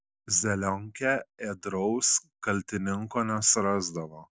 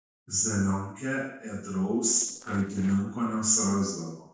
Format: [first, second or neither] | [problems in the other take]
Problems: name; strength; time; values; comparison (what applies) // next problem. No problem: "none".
first | noise reduction (neural separator model SepFormer DNS4)